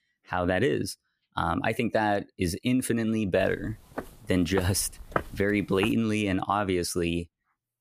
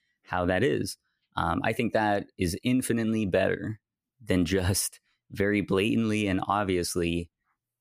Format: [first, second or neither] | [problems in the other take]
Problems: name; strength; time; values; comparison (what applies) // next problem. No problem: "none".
second | footsteps; noticeable; from 3.5 to 6 s; peak 5 dB below the speech